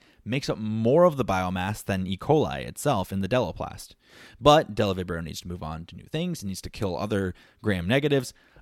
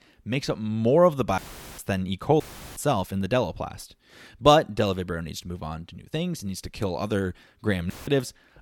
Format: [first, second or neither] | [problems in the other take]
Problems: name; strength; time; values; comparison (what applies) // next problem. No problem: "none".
first | audio cutting out; filled with static; at 1.5 s, at 2.5 s and at 8 s